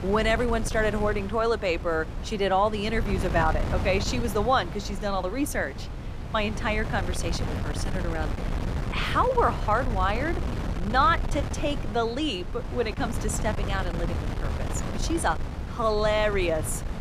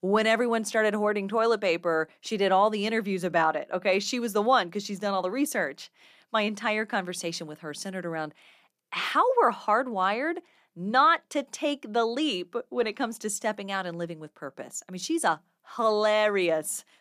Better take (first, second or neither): second